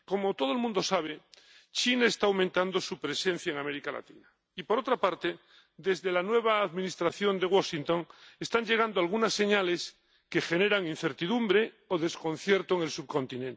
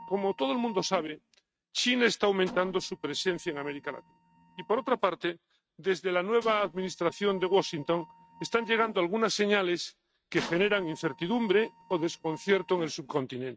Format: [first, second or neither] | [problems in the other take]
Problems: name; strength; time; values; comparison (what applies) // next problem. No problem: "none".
first | noise reduction (neural mask model RNNoise)